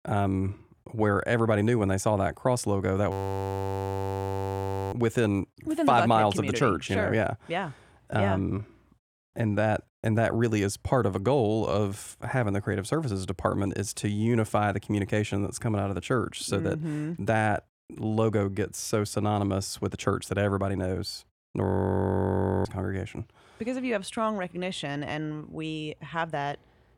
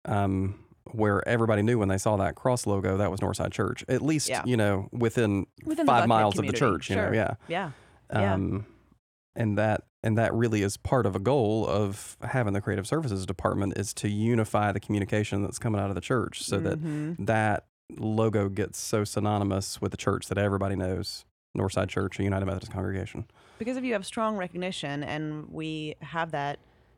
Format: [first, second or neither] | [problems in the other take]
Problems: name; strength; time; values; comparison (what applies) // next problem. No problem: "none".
second | audio freezing; at 3 s for 2 s and at 22 s for 1 s